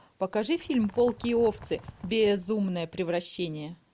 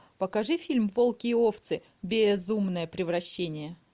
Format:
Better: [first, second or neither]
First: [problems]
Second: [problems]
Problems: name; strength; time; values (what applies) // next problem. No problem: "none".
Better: second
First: background sound (Bird); 18 dB below the speech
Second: none